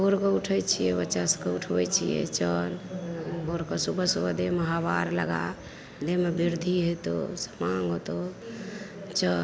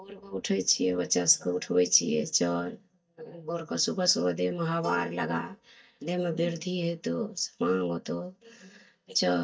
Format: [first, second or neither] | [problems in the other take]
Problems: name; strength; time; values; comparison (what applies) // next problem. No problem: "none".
first | noise reduction (neural mask model DeepFilterNet 3)